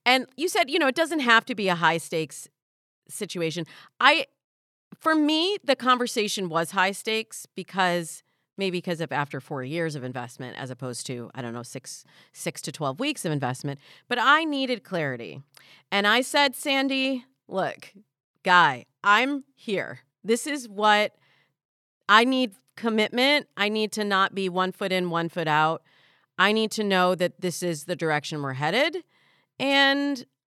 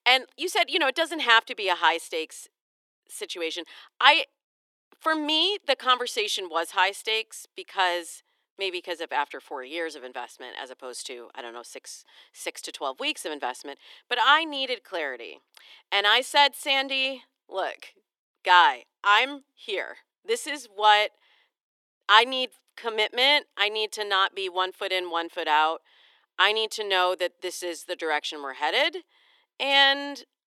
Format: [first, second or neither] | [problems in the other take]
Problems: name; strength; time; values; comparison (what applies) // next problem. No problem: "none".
first | thin; somewhat; fading below 350 Hz